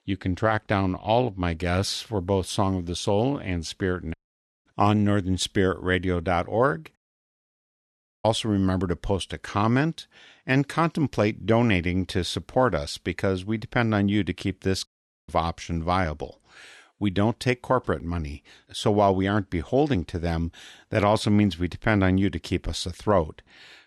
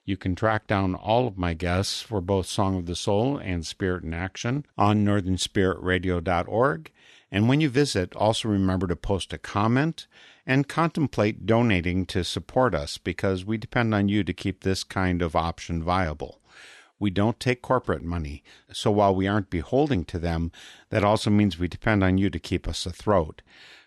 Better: second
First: audio cutting out; at 4 s for 0.5 s, at 7 s for 1.5 s and at 15 s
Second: none

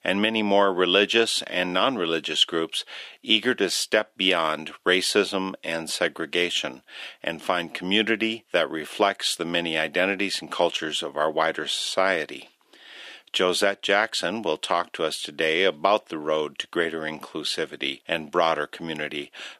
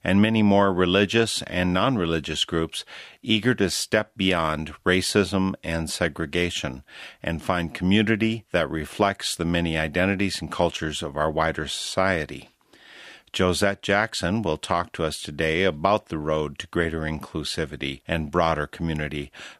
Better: second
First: thin; somewhat; fading below 350 Hz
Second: none

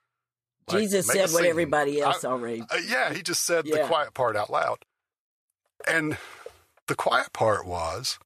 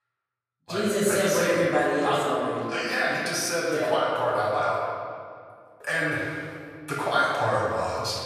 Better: first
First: none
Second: room echo; strong; dies away in 1.9 s // off-mic speech; far

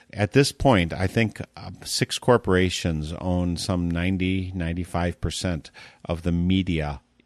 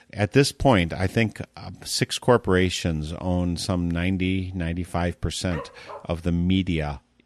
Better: first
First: none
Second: dog barking; faint; at 5.5 s; peak 15 dB below the speech

